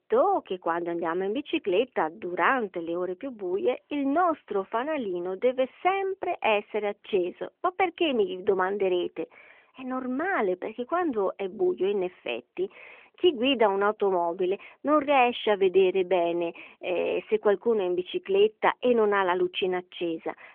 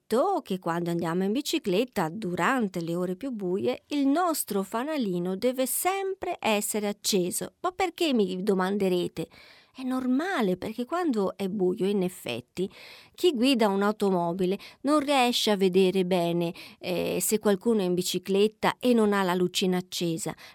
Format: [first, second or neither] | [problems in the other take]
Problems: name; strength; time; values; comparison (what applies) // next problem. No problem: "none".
second | phone-call audio; nothing above 3.5 kHz